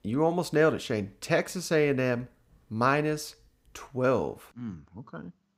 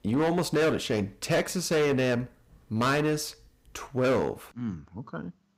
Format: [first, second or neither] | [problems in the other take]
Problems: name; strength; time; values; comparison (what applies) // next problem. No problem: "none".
first | distortion; heavy; 10% of the sound clipped